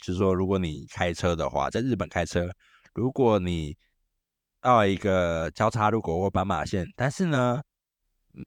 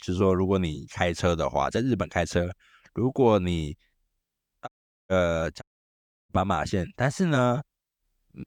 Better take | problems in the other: first | audio cutting out; at 4.5 s and at 5.5 s for 0.5 s

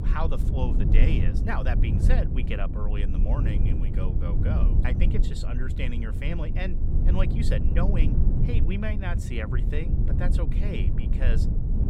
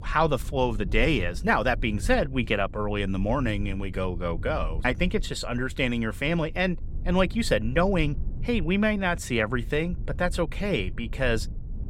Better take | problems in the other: second | low rumble; loud; throughout; 3 dB below the speech; faint in the second

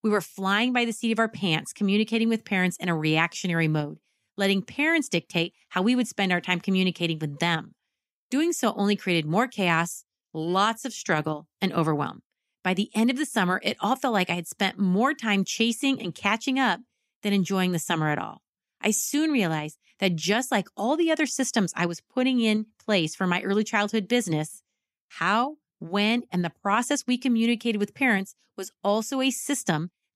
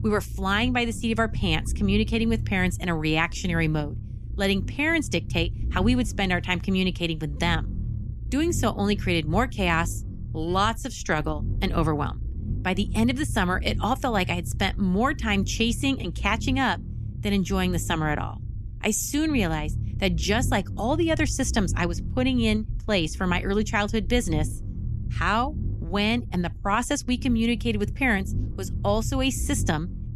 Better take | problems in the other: first | low rumble; noticeable; throughout; 20 dB below the speech

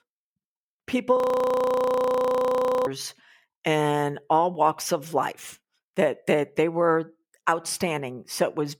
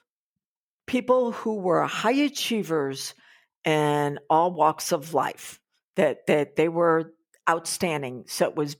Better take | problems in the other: second | audio freezing; at 1 s for 1.5 s

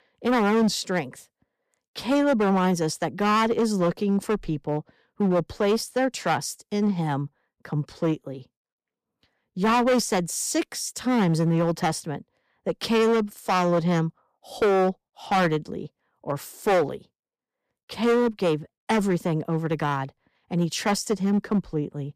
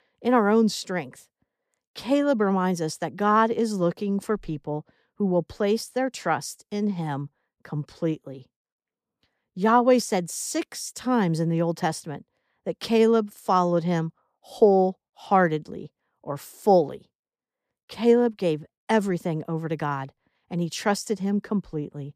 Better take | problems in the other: second | distortion; heavy; 9% of the sound clipped

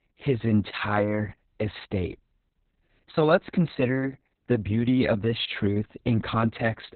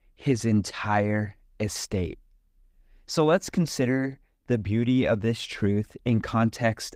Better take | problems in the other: second | garbled, watery; badly; nothing above 4 kHz; slightly in the second

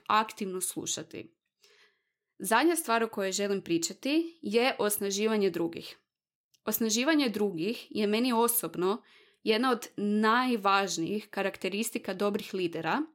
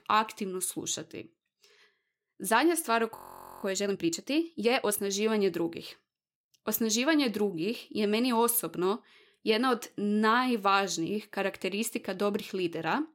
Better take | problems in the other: first | audio freezing; at 3 s

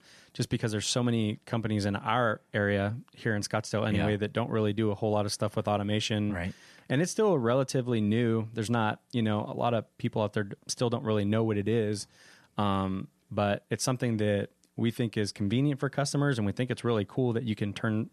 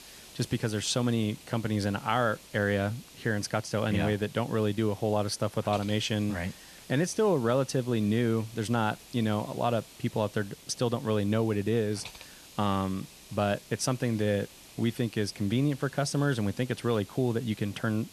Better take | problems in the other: first | hiss; noticeable; throughout; 20 dB below the speech

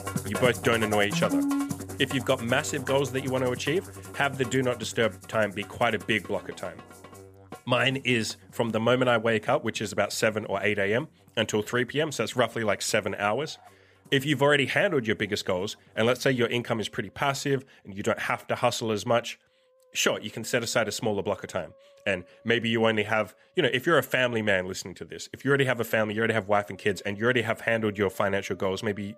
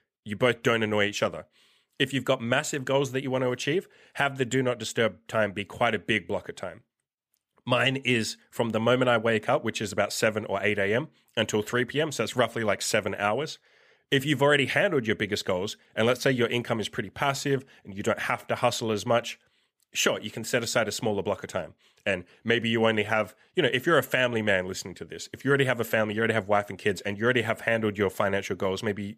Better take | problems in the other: second | background music; loud; throughout; 9 dB below the speech

